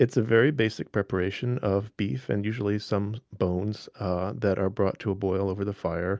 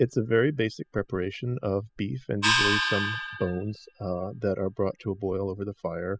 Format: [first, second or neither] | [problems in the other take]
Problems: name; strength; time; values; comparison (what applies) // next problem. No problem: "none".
first | noise reduction (classical method spectral subtraction)